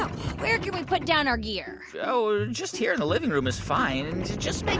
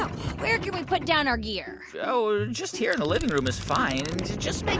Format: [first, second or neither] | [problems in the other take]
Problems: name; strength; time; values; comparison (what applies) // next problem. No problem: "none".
first | background sound (Domestic sounds, home sounds); 13 dB below the speech